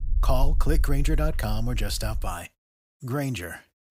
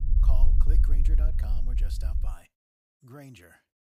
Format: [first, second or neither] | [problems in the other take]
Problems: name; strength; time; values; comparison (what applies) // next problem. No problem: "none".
first | low rumble; loud; until 2.5 s; 1 dB below the speech; faint in the first